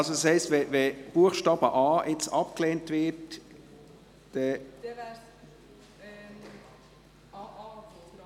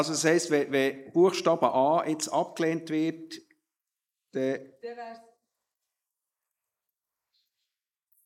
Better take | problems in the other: first | noise reduction (neural mask model Resemble Enhance denoiser)

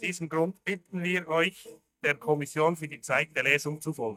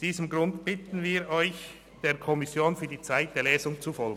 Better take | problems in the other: second | noise reduction (neural mask model DeepFilterNet 3)

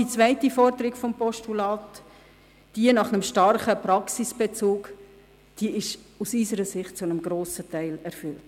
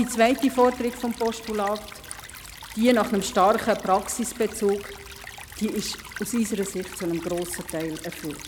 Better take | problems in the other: first | background sound (Stream / Trickle, dribble); 15 dB below the speech

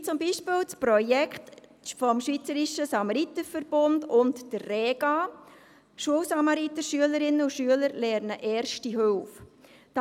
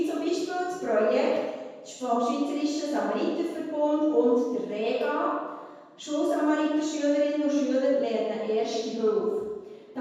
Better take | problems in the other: first | room echo; dies away in 1.2 s

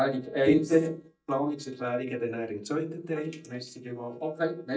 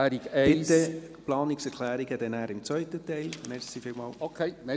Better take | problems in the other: second | noise reduction (neural mask model DeepFilterNet 3)

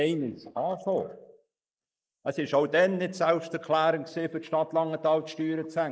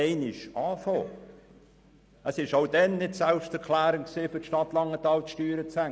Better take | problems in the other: second | noise reduction (neural mask model Resemble Enhance denoiser)

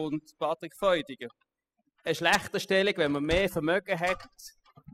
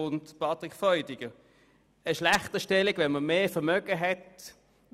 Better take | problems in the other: second | noise reduction (classical method spectral subtraction)

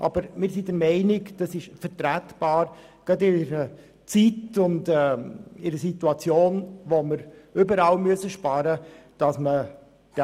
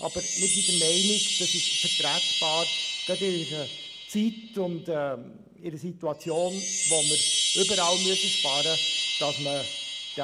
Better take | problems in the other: first | background sound (Chime); 3 dB above the speech

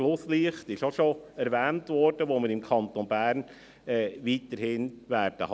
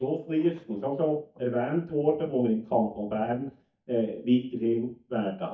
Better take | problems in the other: first | noise reduction (neural mask model DeepFilterNet 3)

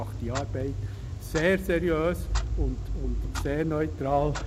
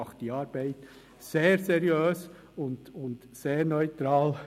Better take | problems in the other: second | background sound (Clock); 2 dB below the speech

